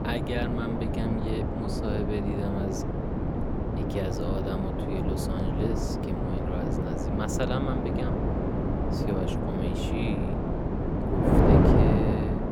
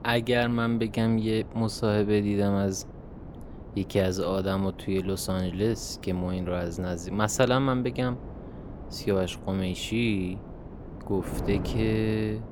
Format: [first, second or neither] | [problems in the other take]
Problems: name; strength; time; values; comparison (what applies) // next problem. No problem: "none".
second | wind noise on the microphone; heavy; 5 dB above the speech; occasional gusts in the second